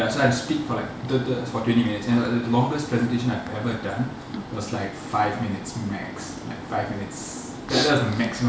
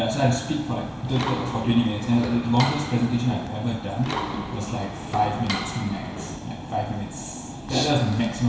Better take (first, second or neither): first